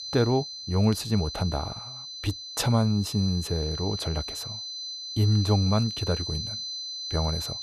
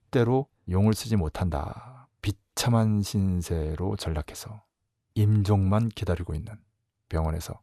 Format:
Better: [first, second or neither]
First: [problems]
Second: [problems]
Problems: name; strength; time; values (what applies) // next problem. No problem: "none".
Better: second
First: high-pitched whine; loud; throughout; 4 kHz, 6 dB below the speech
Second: none